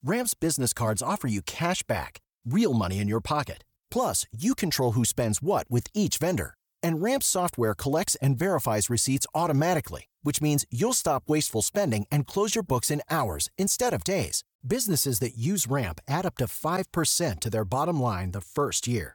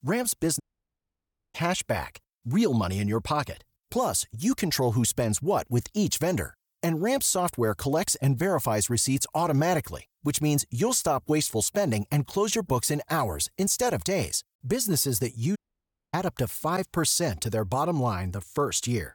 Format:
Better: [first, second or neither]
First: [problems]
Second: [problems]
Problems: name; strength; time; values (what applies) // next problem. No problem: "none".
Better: first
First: none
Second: audio cutting out; at 0.5 s for 1 s and at 16 s for 0.5 s